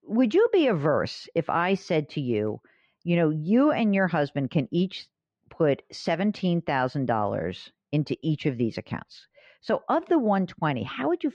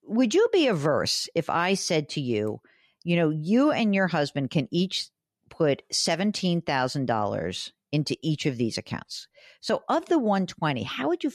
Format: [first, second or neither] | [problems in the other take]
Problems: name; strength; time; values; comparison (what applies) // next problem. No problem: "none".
second | muffled; slightly; fading above 2.5 kHz